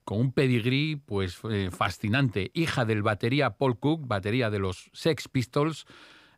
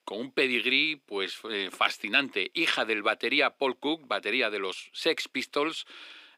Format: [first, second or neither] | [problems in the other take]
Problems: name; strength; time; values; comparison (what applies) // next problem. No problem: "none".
first | thin; somewhat; fading below 300 Hz